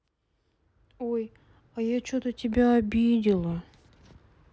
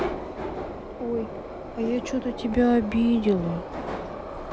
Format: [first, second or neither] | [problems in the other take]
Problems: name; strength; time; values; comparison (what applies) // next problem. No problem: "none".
first | background sound (Subway, metro, underground); 7 dB below the speech